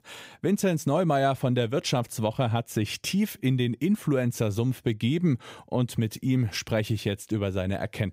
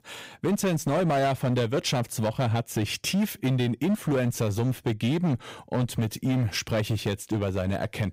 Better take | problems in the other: first | distortion; slight; 14% of the sound clipped

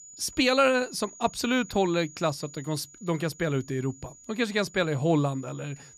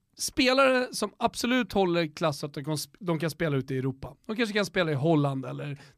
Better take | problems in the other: second | high-pitched whine; noticeable; throughout; 7 kHz, 20 dB below the speech

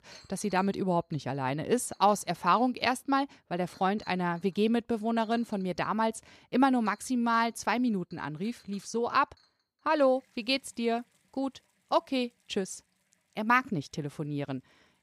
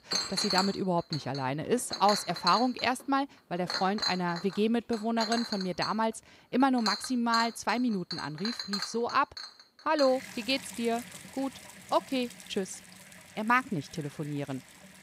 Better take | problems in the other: first | household noises; loud; throughout; 5 dB below the speech; faint in the first

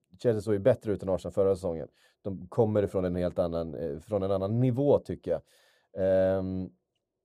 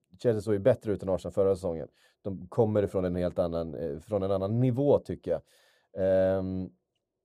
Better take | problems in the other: neither | muffled; very; fading above 1.5 kHz; the same in both

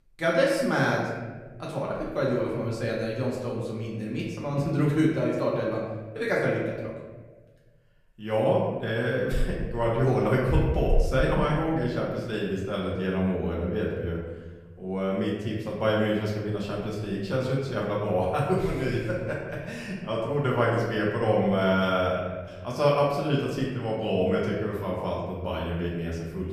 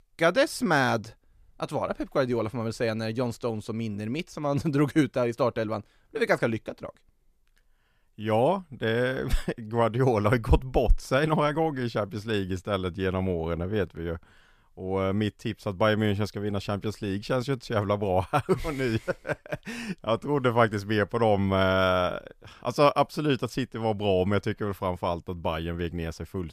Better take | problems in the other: second | room echo; noticeable; dies away in 1.3 s // off-mic speech; far

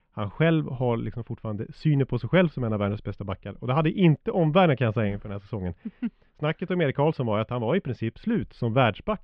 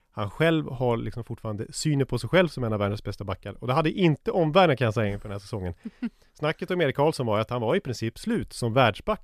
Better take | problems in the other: second | muffled; very; fading above 3 kHz

